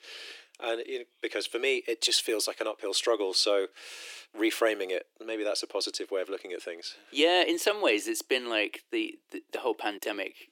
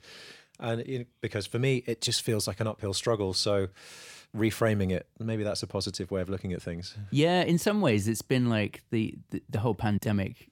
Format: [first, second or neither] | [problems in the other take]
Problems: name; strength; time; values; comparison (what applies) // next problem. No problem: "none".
second | thin; very; fading below 300 Hz